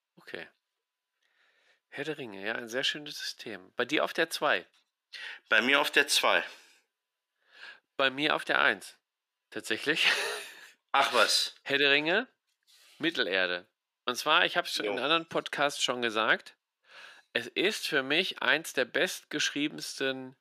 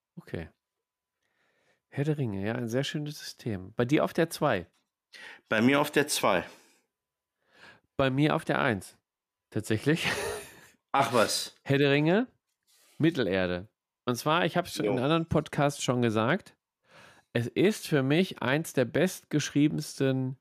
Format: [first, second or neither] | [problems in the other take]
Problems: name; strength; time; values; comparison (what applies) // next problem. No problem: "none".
second | thin; somewhat; fading below 400 Hz